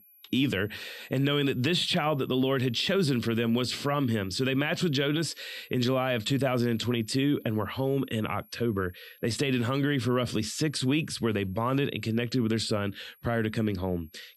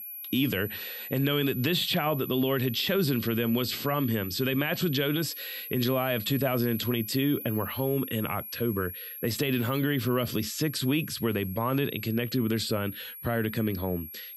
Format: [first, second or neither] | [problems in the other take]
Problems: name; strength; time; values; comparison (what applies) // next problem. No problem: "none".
first | high-pitched whine; loud; throughout; 12 kHz, 10 dB below the speech; faint in the first